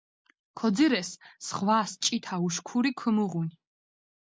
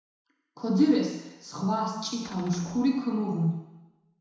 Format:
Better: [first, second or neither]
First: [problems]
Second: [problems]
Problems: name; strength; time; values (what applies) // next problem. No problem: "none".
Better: first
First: none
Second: background sound (Cupboard open or close); 20 dB below the speech // room echo; dies away in 1 s